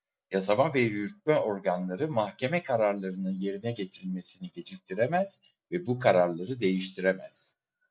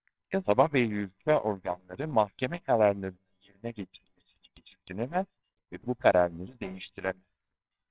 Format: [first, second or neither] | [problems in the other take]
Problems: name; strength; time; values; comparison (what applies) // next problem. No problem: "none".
first | noise reduction (neural separator model SepFormer WHAMR!)